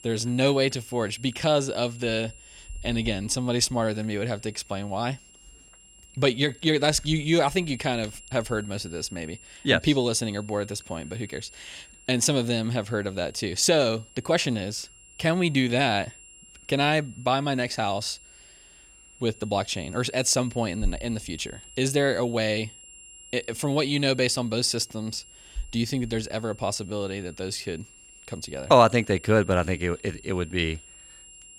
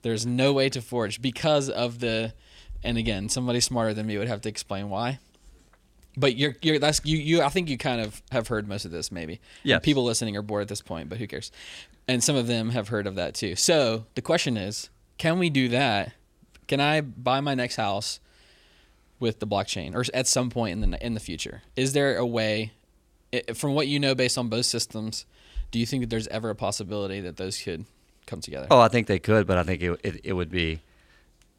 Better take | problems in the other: second | high-pitched whine; faint; throughout; 3 kHz, 20 dB below the speech

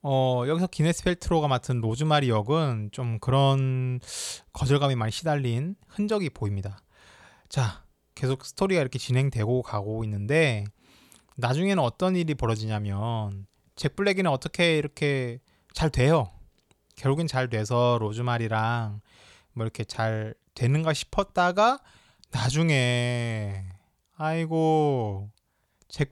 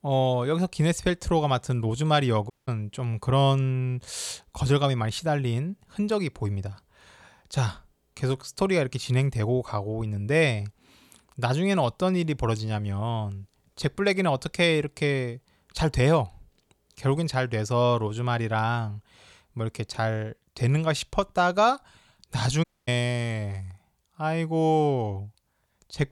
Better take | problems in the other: first | audio cutting out; at 2.5 s and at 23 s

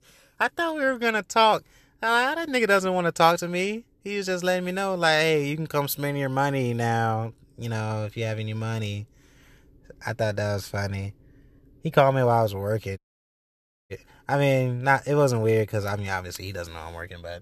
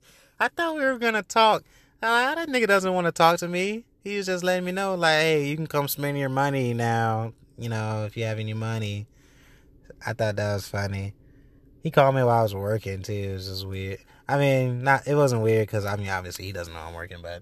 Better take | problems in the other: second | audio cutting out; at 13 s for 1 s

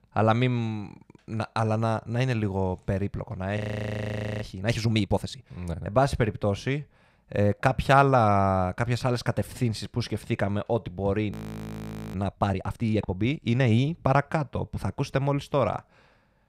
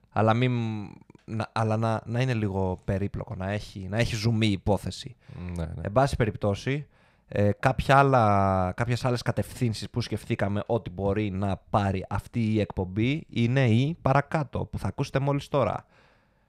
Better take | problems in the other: second | audio freezing; at 3.5 s for 1 s and at 11 s for 1 s

